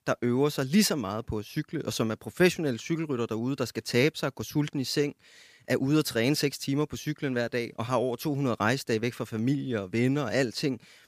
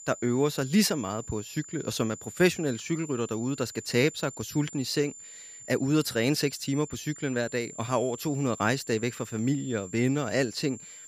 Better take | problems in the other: first | high-pitched whine; noticeable; throughout; 7 kHz, 15 dB below the speech

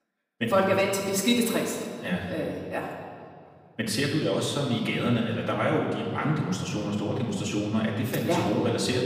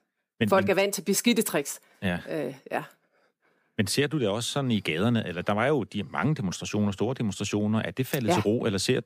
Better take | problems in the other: second | off-mic speech; far // room echo; noticeable; dies away in 1.8 s

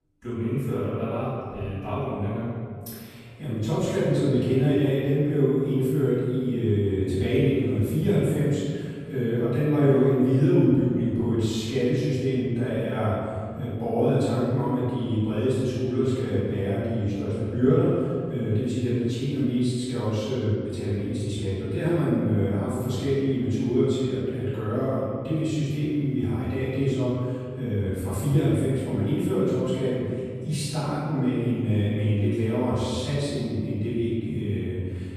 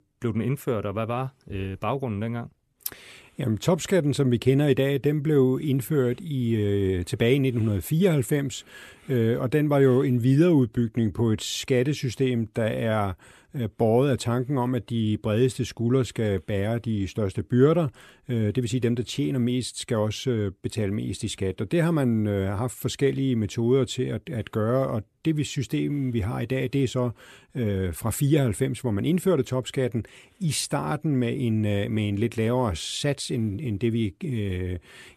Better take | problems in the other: second | room echo; strong; dies away in 2.1 s // off-mic speech; far

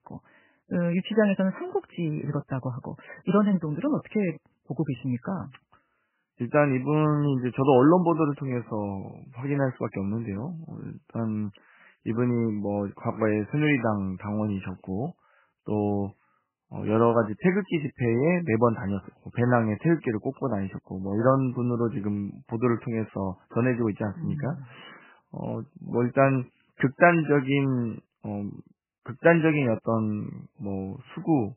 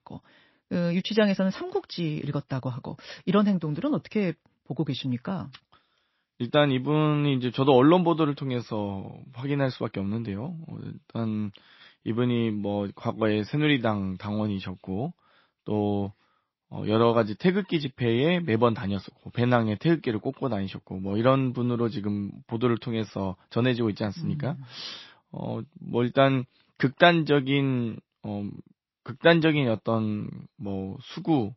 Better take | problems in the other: second | garbled, watery; badly; nothing above 3 kHz; slightly in the second

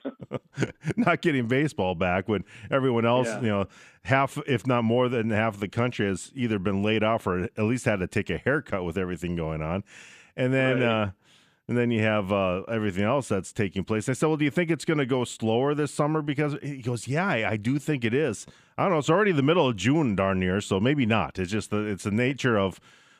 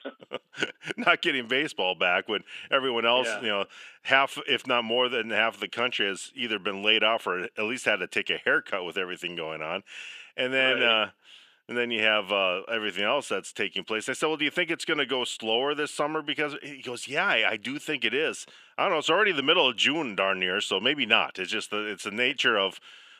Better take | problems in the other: first | thin; somewhat; fading below 400 Hz

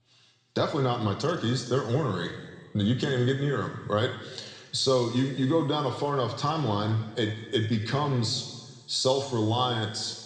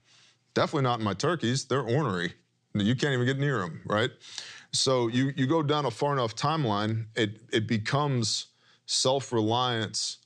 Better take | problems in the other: second | room echo; noticeable; dies away in 1.6 s // off-mic speech; somewhat distant

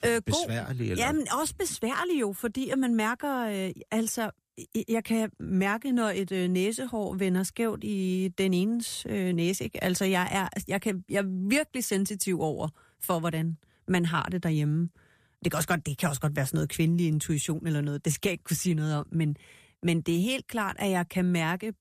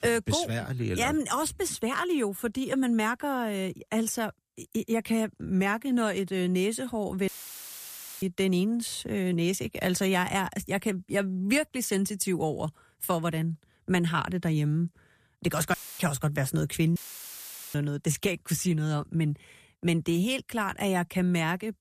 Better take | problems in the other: first | audio cutting out; filled with static; at 7.5 s for 1 s, at 16 s and at 17 s for 1 s

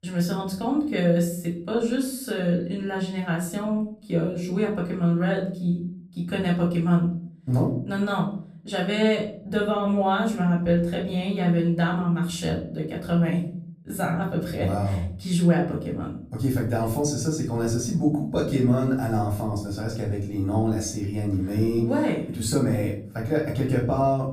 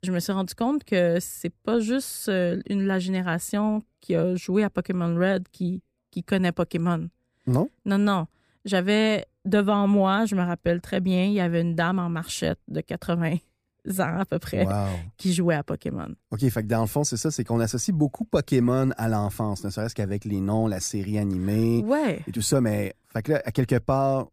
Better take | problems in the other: second | room echo; slight; dies away in 0.5 s // off-mic speech; far

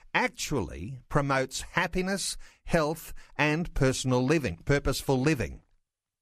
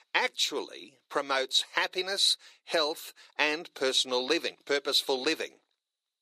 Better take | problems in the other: first | thin; somewhat; fading below 350 Hz

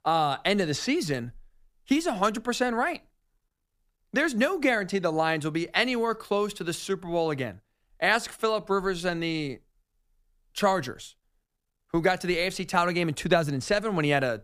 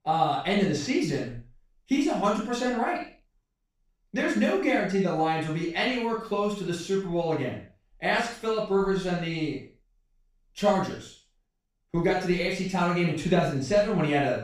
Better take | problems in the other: first | room echo; noticeable; dies away in 0.4 s // off-mic speech; far

